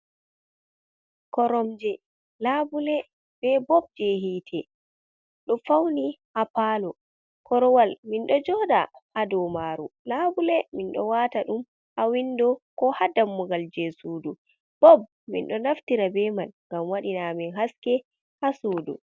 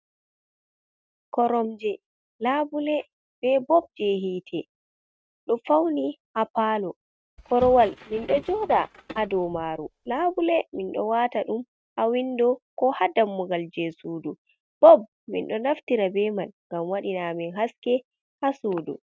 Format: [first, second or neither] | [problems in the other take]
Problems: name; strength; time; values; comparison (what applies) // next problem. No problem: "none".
first | noise reduction (neural mask model RNNoise)